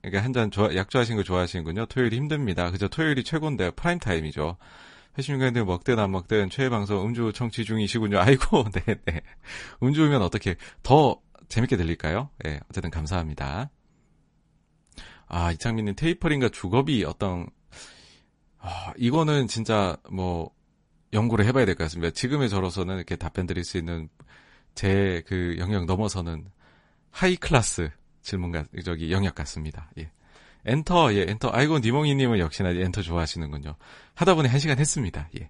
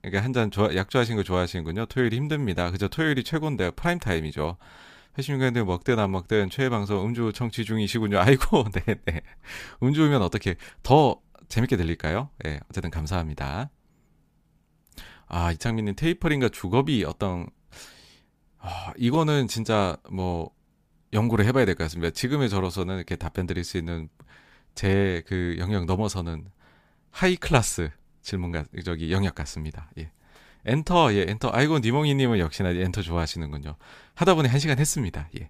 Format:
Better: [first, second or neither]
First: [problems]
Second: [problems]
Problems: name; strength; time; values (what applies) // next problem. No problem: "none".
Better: second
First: garbled, watery; slightly; nothing above 10.5 kHz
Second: none